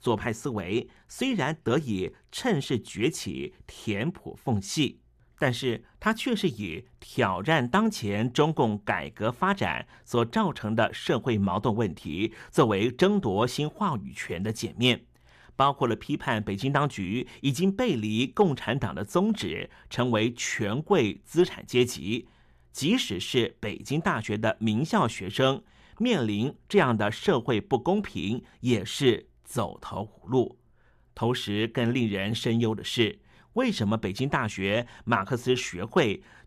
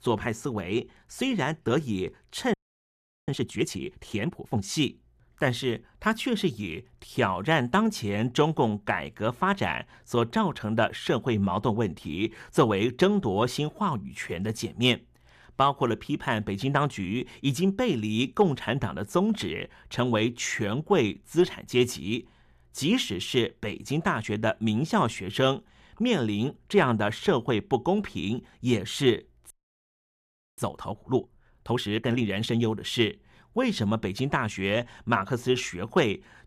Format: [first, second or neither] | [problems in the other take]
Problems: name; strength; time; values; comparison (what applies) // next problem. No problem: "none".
first | audio freezing; at 2.5 s for 0.5 s and at 30 s for 1 s